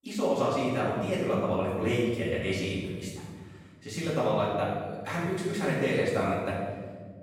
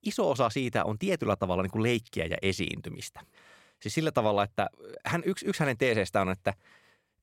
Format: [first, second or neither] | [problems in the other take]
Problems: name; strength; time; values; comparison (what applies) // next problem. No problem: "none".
second | off-mic speech; far // room echo; strong; dies away in 1.4 s